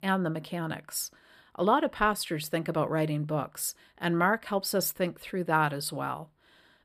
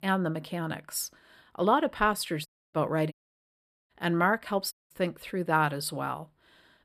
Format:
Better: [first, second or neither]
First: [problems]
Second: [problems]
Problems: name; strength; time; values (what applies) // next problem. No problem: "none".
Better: first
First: none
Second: audio cutting out; at 2.5 s, at 3 s for 1 s and at 4.5 s